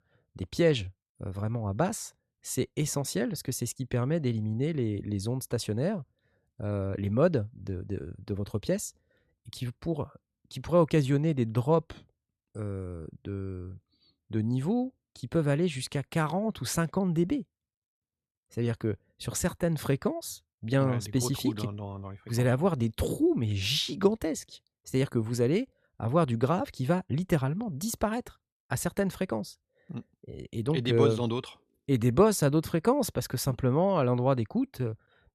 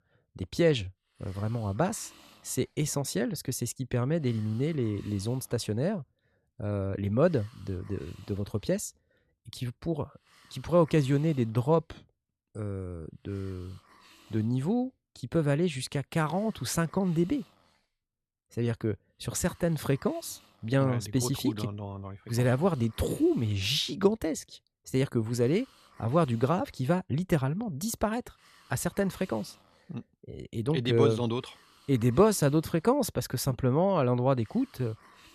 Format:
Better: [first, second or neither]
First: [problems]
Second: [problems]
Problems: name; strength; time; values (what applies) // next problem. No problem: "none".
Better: first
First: none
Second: hiss; faint; throughout; 25 dB below the speech